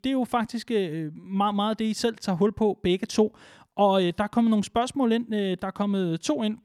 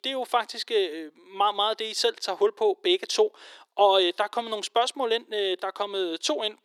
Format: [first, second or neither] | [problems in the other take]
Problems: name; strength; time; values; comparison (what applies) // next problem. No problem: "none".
first | thin; very; fading below 350 Hz